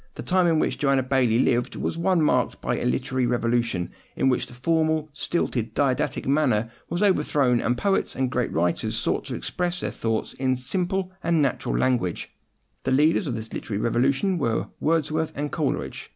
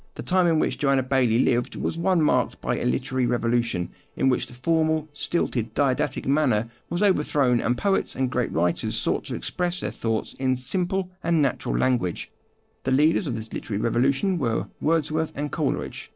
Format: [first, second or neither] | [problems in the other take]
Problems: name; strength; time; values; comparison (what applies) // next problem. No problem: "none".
first | noise reduction (neural separator model SepFormer DNS4)